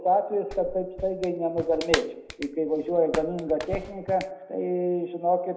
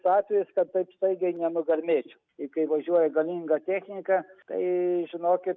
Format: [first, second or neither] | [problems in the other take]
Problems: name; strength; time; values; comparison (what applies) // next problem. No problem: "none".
second | background sound (Clapping); 10 dB below the speech // room echo; dies away in 0.8 s